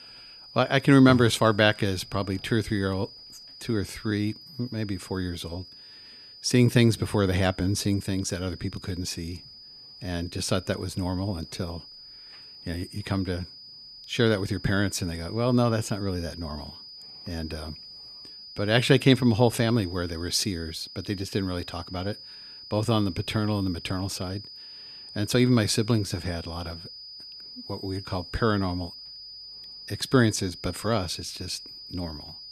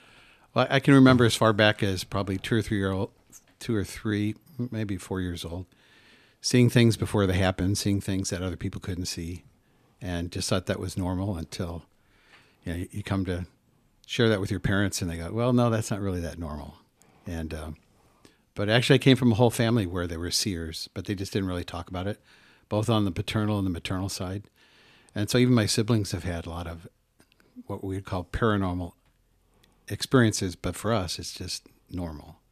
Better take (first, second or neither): second